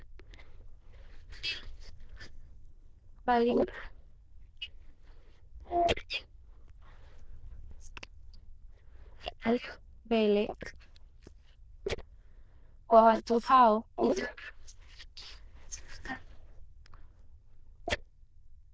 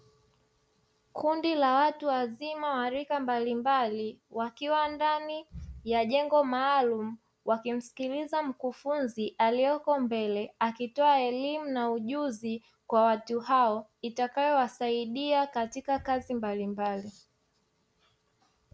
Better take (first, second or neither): second